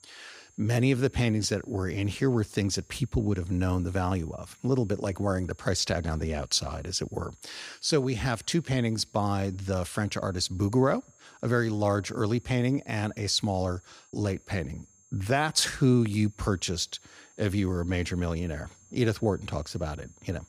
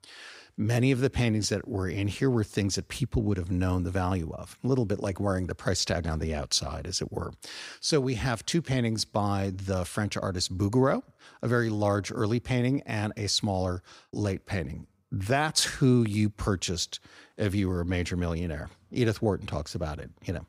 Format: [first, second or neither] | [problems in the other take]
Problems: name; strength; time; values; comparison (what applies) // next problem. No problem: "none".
second | high-pitched whine; faint; throughout; 6.5 kHz, 30 dB below the speech